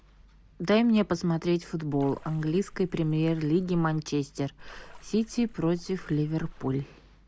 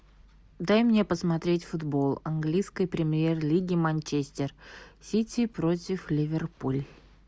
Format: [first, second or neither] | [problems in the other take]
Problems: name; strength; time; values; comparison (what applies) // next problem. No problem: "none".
second | background sound (Splash, splatter); 17 dB below the speech